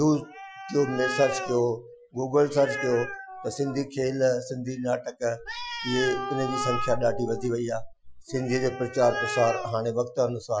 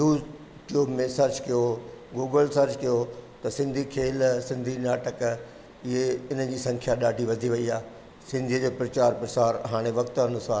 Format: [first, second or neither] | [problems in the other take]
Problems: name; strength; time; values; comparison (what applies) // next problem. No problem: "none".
second | noise reduction (classical method Wiener filter)